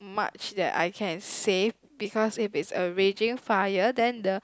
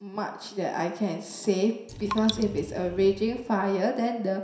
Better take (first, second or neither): first